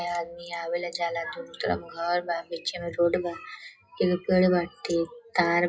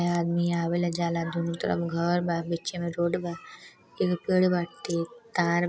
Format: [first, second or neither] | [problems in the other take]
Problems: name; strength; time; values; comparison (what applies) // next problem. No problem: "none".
second | noise reduction (classical method WPE with log-MMSE)